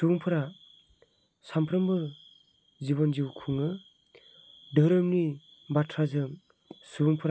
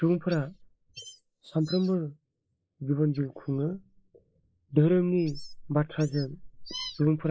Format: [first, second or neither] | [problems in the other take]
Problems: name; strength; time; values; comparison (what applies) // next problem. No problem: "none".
first | noise reduction (neural mask model Resemble Enhance denoiser)